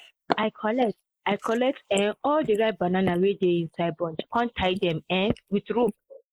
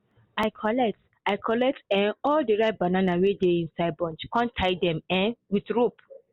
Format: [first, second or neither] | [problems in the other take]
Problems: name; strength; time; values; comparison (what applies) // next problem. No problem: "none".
second | noise reduction (neural mask model Resemble Enhance denoiser)